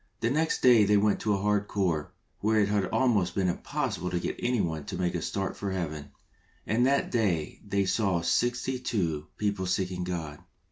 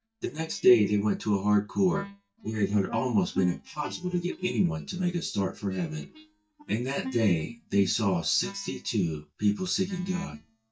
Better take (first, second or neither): first